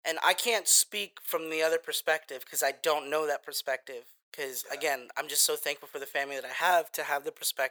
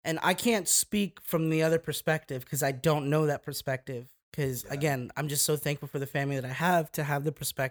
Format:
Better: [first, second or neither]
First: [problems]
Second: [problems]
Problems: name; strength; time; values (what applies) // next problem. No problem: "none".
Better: second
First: thin; very; fading below 500 Hz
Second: none